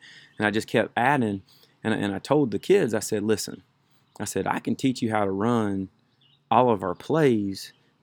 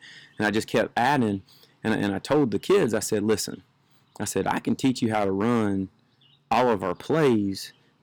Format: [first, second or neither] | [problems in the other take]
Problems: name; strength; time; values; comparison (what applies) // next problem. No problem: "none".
first | distortion; slight; 4% of the sound clipped